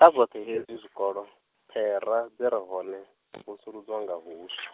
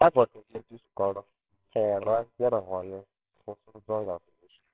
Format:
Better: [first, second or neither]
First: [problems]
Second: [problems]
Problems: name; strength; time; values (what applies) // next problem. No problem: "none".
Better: first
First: none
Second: noise reduction (neural separator model SepFormer WHAMR!)